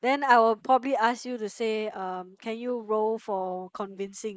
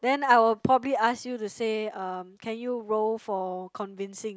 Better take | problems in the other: second | noise reduction (neural mask model Resemble Enhance denoiser)

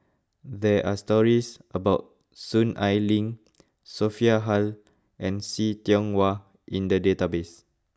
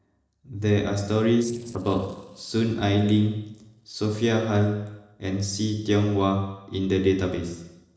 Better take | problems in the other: first | noise reduction (neural separator model SepFormer DNS4)

